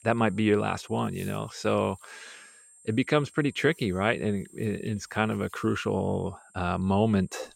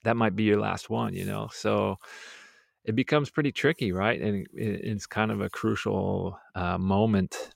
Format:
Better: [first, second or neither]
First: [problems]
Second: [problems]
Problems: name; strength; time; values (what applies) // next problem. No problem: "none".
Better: second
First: high-pitched whine; faint; throughout; 8.5 kHz, 25 dB below the speech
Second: none